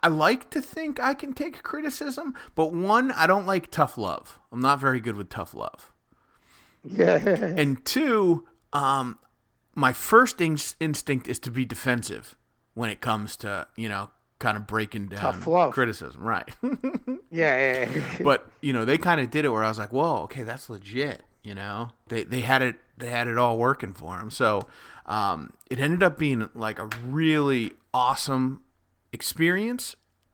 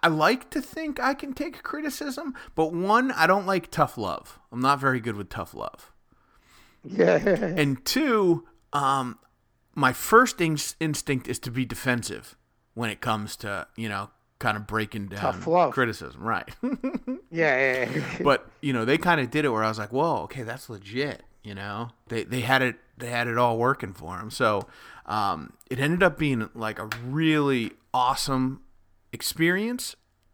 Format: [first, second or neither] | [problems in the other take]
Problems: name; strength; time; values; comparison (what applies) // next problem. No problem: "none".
second | garbled, watery; slightly; nothing above 19 kHz